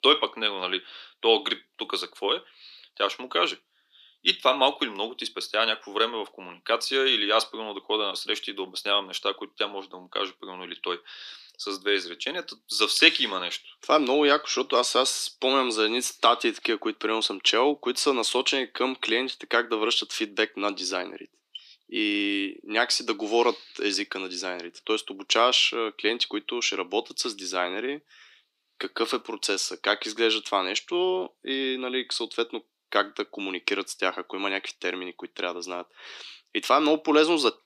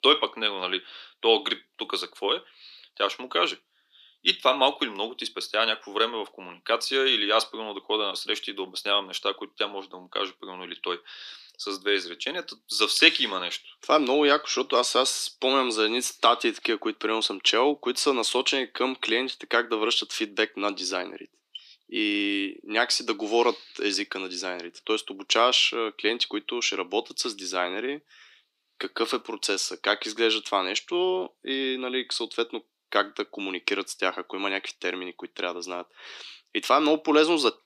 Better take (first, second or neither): neither